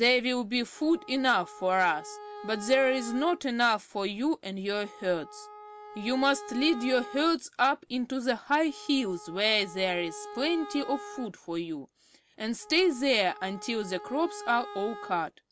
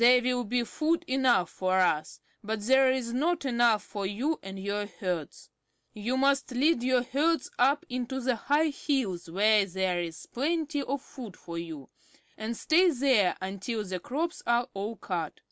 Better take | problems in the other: second | background sound (Wind instrument, woodwind instrument); 16 dB below the speech

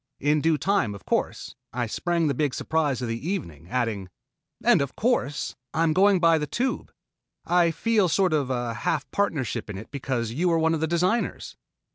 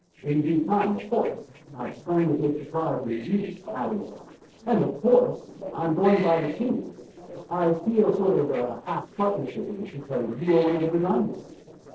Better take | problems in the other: first | noise reduction (neural separator model SepFormer DNS4)

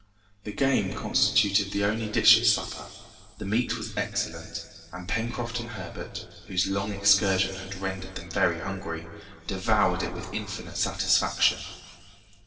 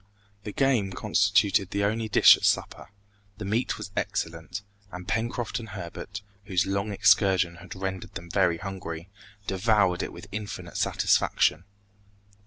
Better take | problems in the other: second | room echo; dies away in 2.3 s

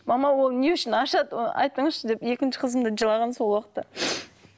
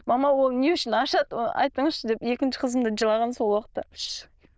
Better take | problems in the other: first | noise reduction (neural diffusion model UNIVERSE++)

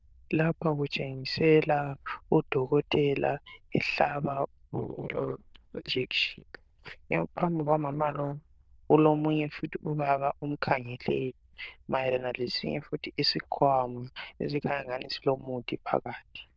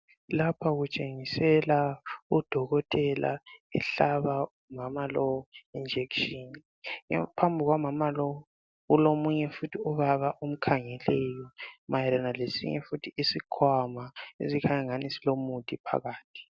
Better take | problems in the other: second | noise reduction (neural diffusion model UNIVERSE++)

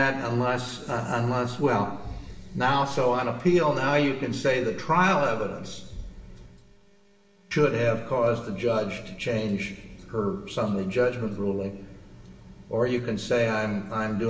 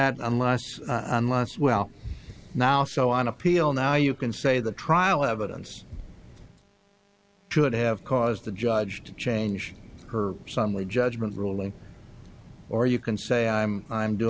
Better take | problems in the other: second | room echo; dies away in 1.1 s

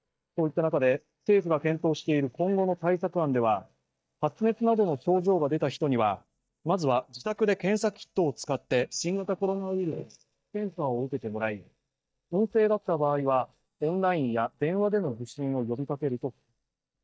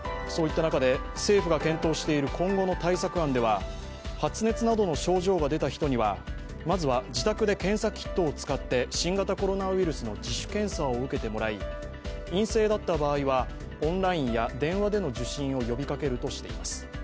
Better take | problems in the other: second | noise reduction (neural mask model DeepFilterNet 3)

